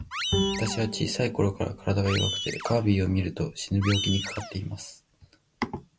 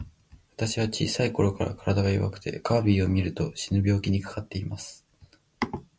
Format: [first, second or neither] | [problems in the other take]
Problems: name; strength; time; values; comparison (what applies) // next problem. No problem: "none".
second | background sound (Animal + Bowed string instrument); 6 dB below the speech